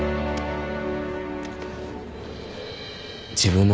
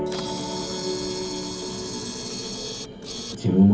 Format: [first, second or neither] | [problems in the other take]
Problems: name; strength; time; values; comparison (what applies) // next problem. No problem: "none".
first | background sound (Camera); 10 dB below the speech // room echo; dies away in 0.3 s